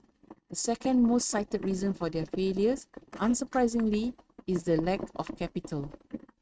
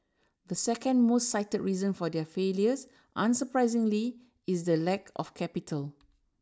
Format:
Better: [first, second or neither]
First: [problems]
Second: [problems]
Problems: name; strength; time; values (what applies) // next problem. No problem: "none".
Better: second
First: noise reduction (neural mask model RNNoise)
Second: none